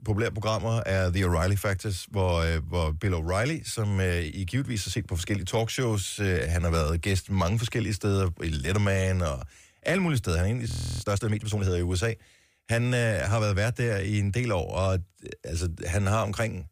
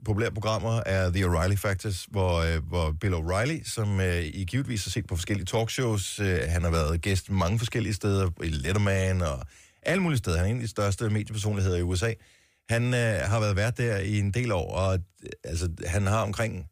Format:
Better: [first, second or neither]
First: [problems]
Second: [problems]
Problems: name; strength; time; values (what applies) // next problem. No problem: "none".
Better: second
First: audio freezing; at 11 s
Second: none